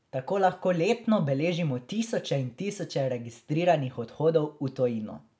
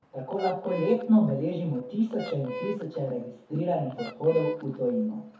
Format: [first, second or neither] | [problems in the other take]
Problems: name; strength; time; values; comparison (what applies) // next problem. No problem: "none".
first | background sound (Fowl); 14 dB below the speech // room echo; dies away in 0.5 s